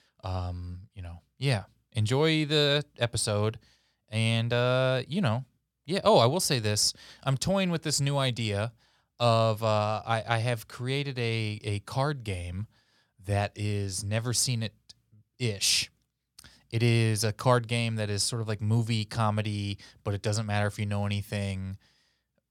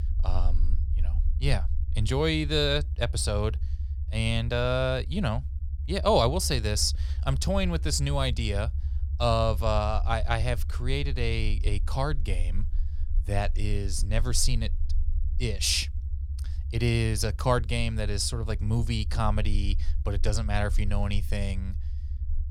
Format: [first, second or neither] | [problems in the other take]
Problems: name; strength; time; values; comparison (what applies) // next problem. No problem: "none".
first | low rumble; faint; throughout; 20 dB below the speech